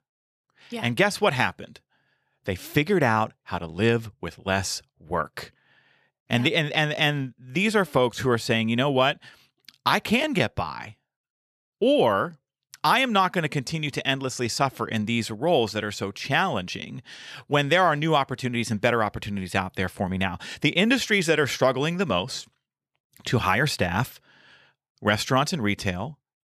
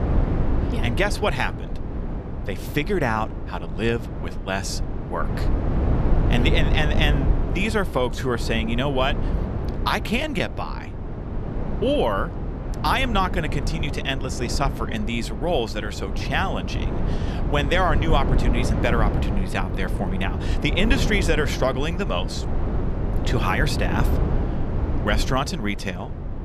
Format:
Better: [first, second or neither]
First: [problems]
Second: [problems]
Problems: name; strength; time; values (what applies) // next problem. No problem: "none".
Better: first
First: none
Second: wind noise on the microphone; heavy; 9 dB below the speech